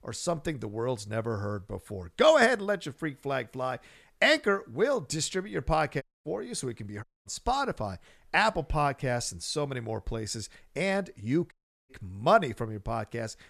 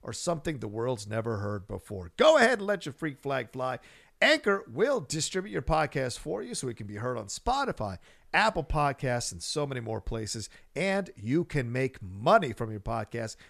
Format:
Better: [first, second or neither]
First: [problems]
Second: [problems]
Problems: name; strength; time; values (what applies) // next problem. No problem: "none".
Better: second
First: audio cutting out; at 6 s, at 7 s and at 12 s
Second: none